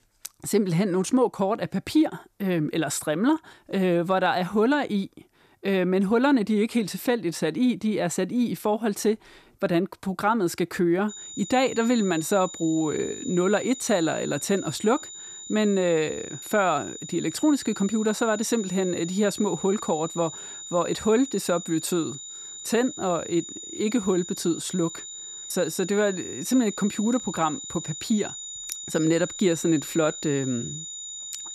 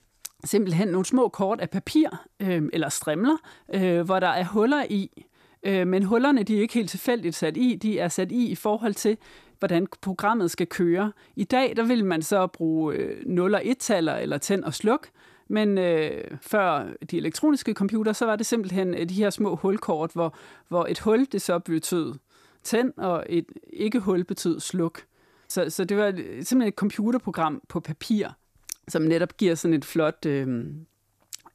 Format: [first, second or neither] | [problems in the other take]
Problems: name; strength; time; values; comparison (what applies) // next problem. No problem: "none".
second | high-pitched whine; noticeable; from 11 s on; 7 kHz, 10 dB below the speech